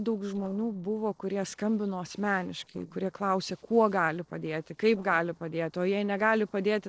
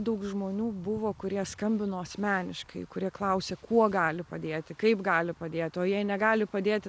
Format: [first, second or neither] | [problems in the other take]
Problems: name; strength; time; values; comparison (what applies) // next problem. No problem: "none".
second | noise reduction (neural separator model SepFormer DNS4)